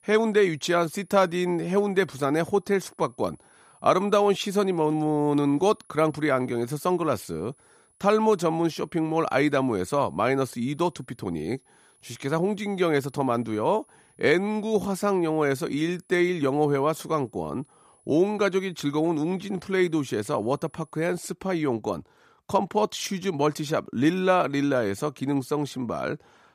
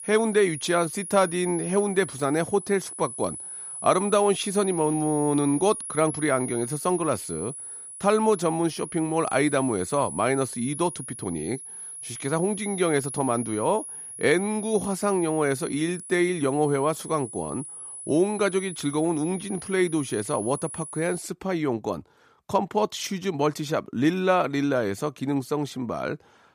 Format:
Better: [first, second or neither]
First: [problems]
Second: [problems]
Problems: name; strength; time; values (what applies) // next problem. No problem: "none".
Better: first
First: high-pitched whine; faint; until 21 s; 10.5 kHz, 35 dB below the speech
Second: high-pitched whine; loud; until 21 s; 10.5 kHz, 9 dB below the speech